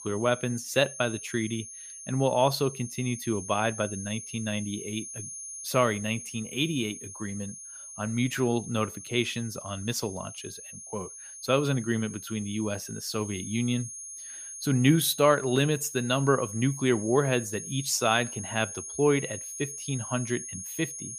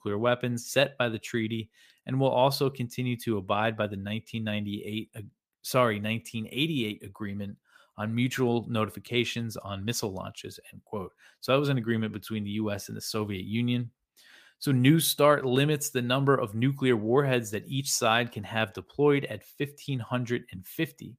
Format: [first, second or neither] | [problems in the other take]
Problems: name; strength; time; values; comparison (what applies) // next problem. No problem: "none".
second | high-pitched whine; noticeable; throughout; 6.5 kHz, 10 dB below the speech